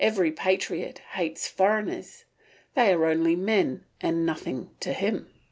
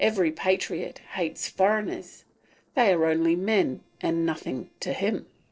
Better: first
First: none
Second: noise reduction (neural separator model SepFormer DNS4)

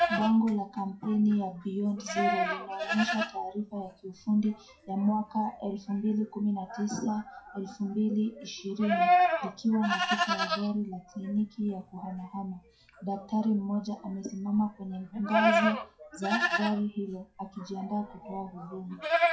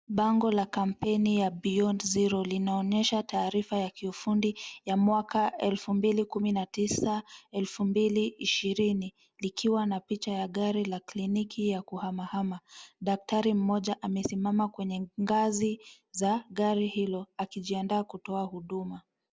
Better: second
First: noise reduction (classical method WPE with log-MMSE)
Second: none

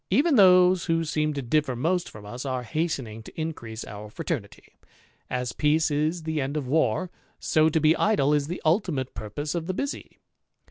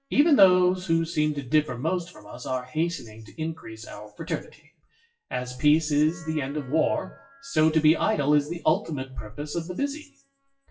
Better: first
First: none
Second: noise reduction (classical method WPE with log-MMSE)

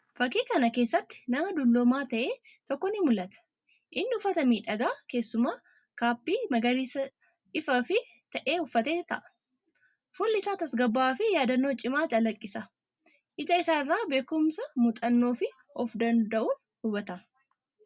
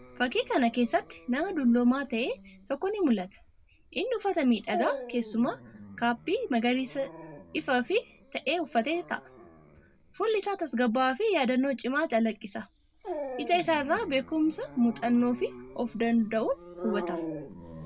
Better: first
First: none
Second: background sound (Dog); 14 dB below the speech

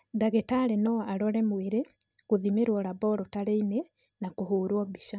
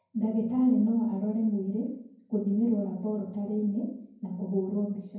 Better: first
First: none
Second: room echo; dies away in 0.9 s

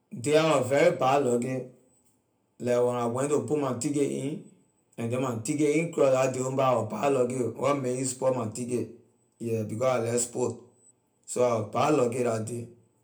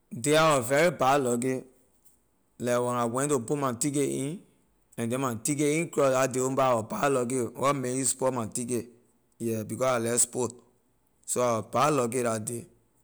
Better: second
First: room echo; dies away in 0.3 s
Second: none

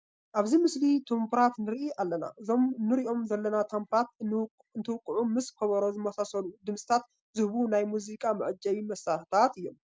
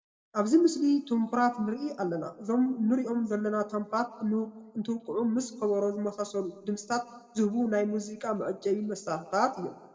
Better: first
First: none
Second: room echo; dies away in 0.9 s

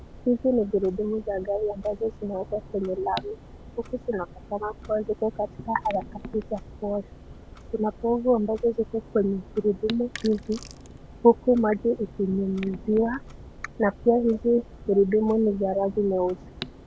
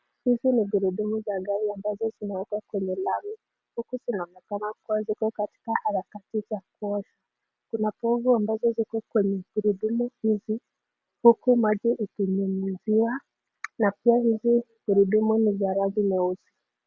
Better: second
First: background sound (Sink (filling or washing) + Clock); 17 dB below the speech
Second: none

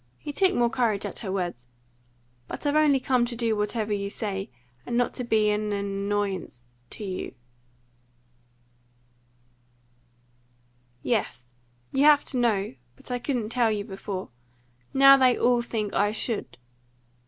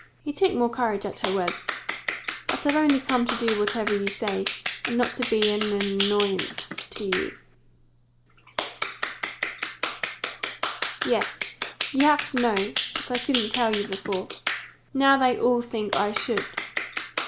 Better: first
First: none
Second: background sound (Clapping); 5 dB below the speech // room echo; dies away in 0.5 s

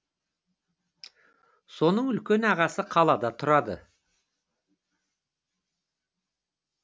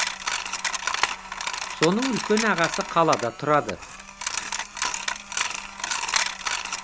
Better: first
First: none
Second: background sound (Coin (dropping)); 1 dB below the speech

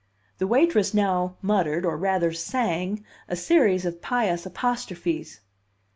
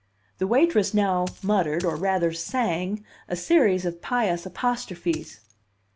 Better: first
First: none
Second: background sound (Coin (dropping)); 20 dB below the speech

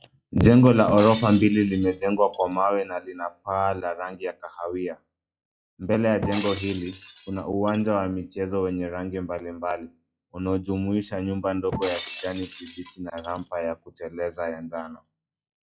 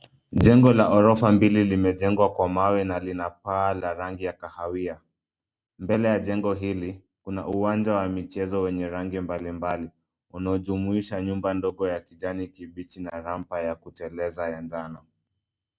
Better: second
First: noise reduction (classical method log-MMSE)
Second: none

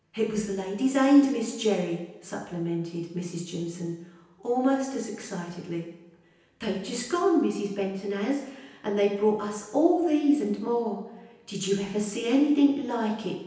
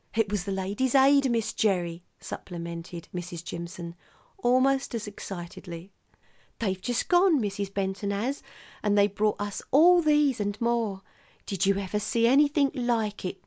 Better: second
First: room echo; dies away in 0.9 s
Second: none

